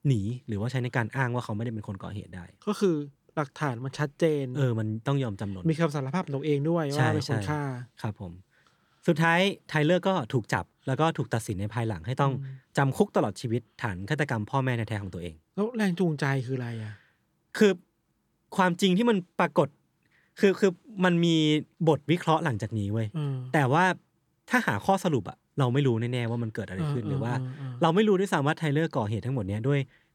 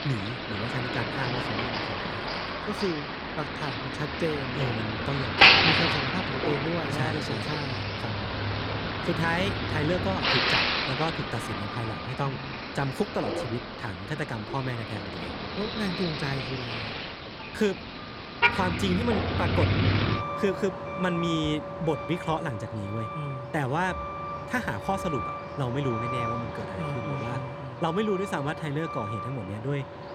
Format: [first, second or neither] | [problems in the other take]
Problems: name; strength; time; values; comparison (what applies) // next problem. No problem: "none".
first | traffic noise; very loud; throughout; 3 dB above the speech